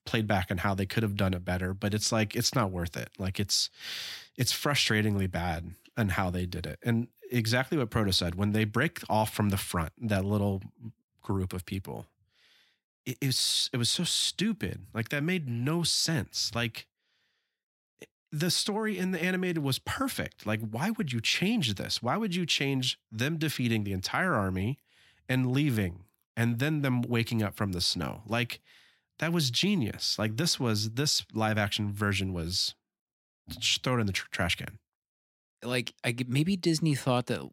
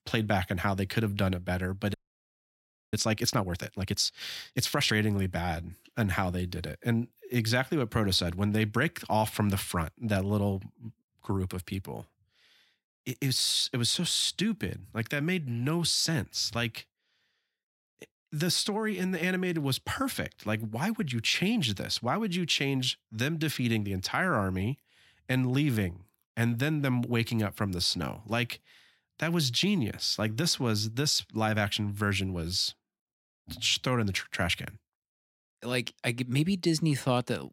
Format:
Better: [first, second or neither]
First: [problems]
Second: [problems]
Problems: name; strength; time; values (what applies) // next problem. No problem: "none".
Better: first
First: none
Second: audio freezing; at 2 s for 1 s